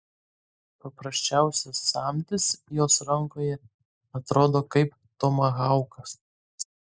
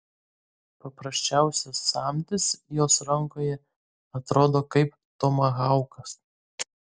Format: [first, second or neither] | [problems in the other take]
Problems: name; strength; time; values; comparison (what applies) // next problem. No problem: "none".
second | noise reduction (neural mask model Resemble Enhance denoiser)